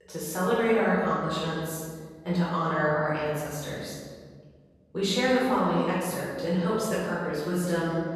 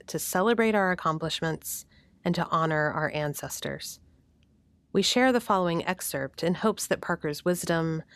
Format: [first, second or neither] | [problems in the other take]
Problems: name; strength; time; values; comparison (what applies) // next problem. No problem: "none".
second | off-mic speech; far // room echo; strong; dies away in 1.6 s